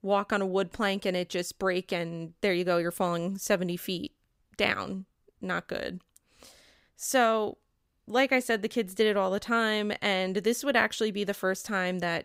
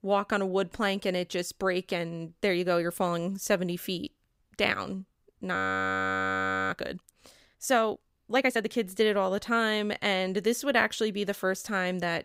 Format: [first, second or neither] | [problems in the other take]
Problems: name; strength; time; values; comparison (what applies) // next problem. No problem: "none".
first | audio freezing; at 5.5 s for 1 s